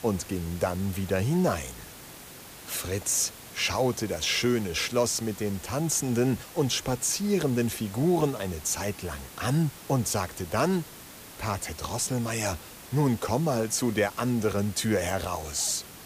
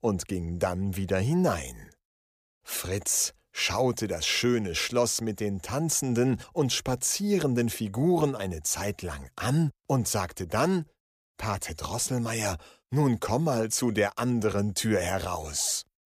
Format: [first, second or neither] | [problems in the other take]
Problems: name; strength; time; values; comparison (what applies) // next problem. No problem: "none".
second | hiss; noticeable; throughout; 15 dB below the speech